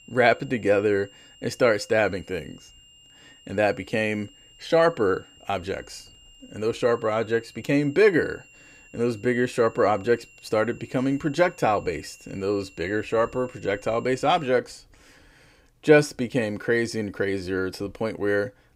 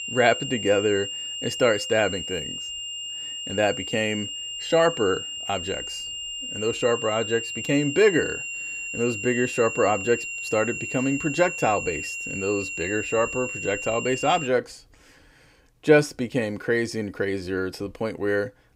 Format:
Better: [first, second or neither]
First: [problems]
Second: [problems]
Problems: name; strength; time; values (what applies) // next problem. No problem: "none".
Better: first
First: high-pitched whine; faint; until 14 s; 3 kHz, 25 dB below the speech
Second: high-pitched whine; loud; until 14 s; 3 kHz, 5 dB below the speech